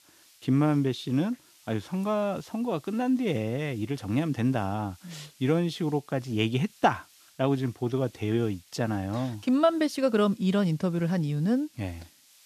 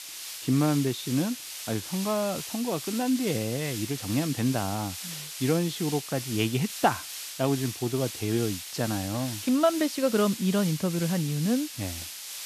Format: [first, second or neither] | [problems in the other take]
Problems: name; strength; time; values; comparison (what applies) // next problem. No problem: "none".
first | hiss; loud; throughout; 8 dB below the speech; faint in the first